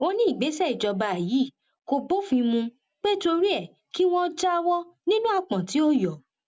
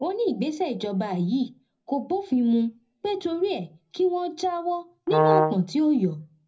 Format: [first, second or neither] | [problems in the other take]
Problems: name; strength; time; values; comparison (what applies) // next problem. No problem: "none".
first | background sound (Brass instrument); 5 dB above the speech // room echo; dies away in 0.4 s